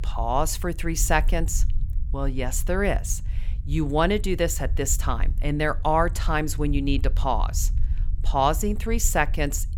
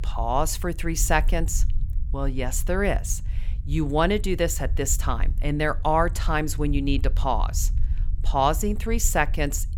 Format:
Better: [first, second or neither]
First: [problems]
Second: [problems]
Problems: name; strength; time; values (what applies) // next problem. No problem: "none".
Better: neither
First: low rumble; faint; throughout; 25 dB below the speech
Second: low rumble; faint; throughout; 25 dB below the speech